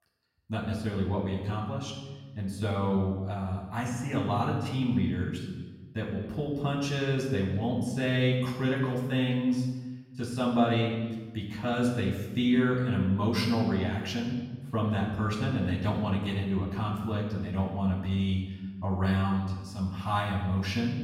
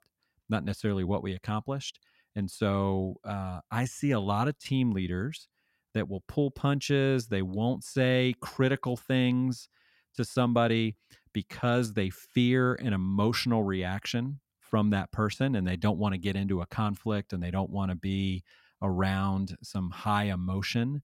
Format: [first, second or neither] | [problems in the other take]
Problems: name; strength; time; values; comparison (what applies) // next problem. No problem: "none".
second | off-mic speech; far // room echo; noticeable; dies away in 1.1 s